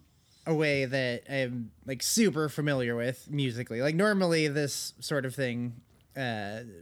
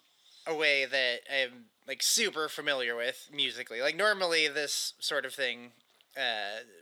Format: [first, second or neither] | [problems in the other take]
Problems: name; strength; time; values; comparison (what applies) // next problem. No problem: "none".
first | thin; very; fading below 650 Hz